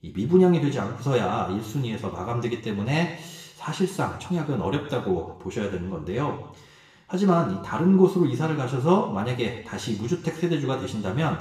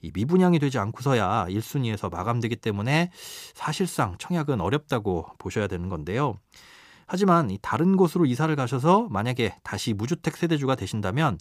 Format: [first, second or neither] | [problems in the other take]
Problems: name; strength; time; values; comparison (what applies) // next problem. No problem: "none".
second | room echo; slight; dies away in 0.8 s // off-mic speech; far